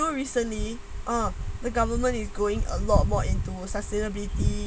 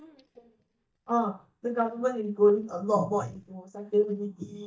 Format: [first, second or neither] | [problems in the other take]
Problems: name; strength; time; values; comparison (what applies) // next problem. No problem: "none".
first | noise reduction (neural mask model DeepFilterNet 3)